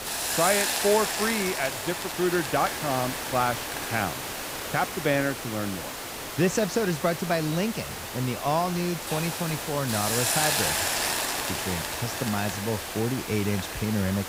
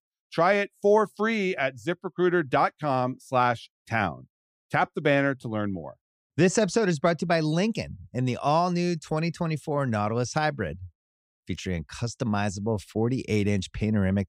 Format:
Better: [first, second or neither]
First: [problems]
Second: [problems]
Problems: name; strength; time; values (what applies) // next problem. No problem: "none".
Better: second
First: hiss; loud; throughout; 1 dB below the speech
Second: none